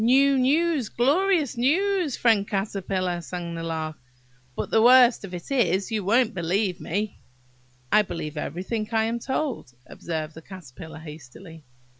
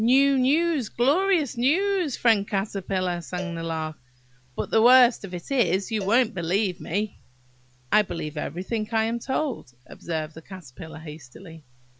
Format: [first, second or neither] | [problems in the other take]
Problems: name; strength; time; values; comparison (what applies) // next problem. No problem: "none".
first | background sound (Cowbell); 20 dB below the speech